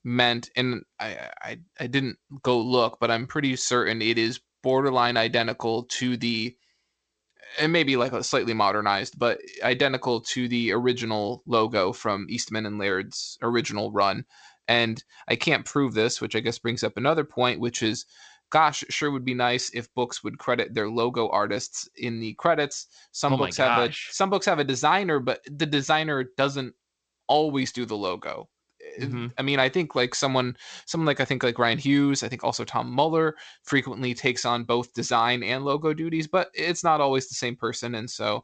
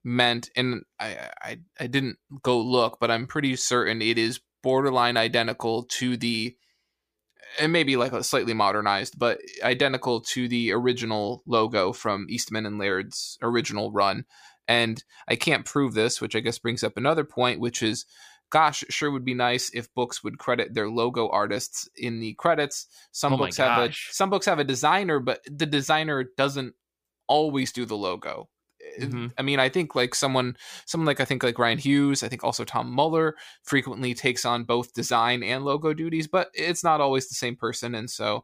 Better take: second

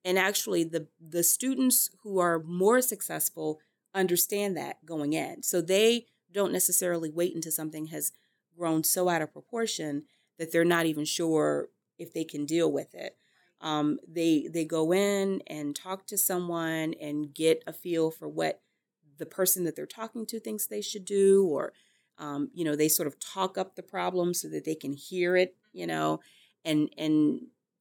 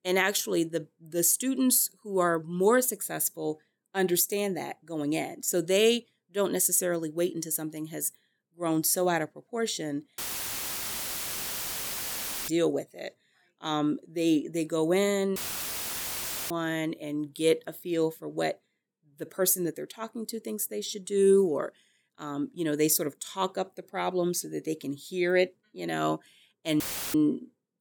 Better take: first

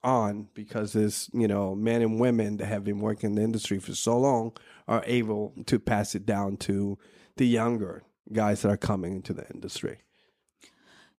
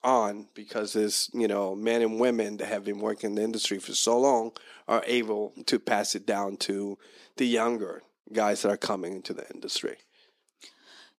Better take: first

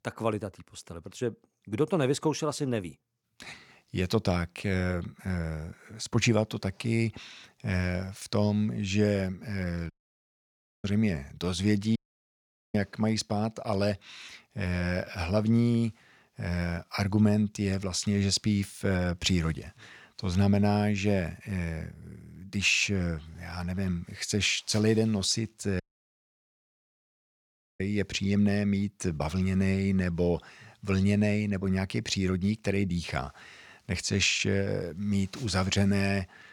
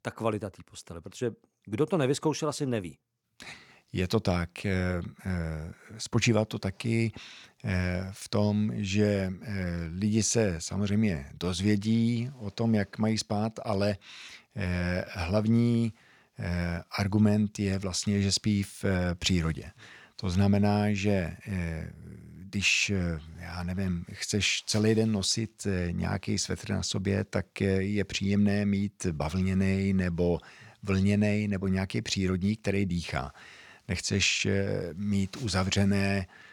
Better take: second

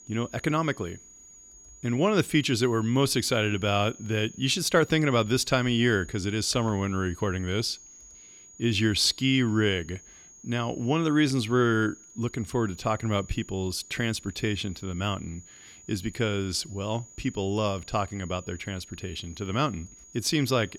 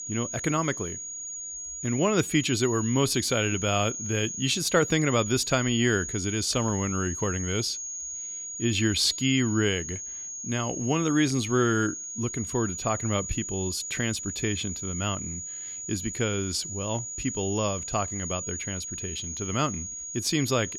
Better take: first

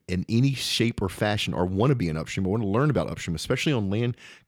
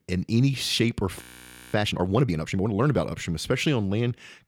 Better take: first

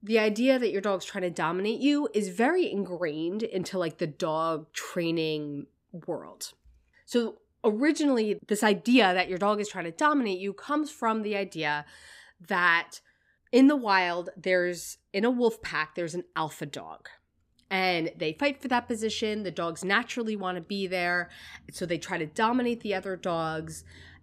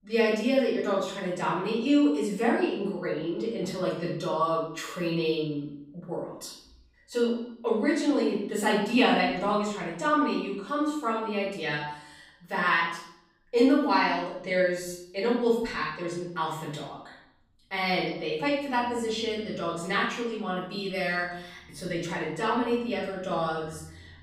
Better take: first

